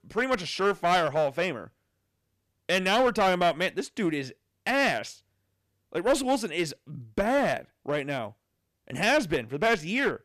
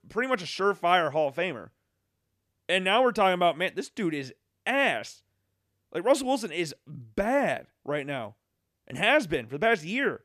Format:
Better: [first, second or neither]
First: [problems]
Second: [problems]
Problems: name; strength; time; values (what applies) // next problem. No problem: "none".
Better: second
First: distortion; slight; 5% of the sound clipped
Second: none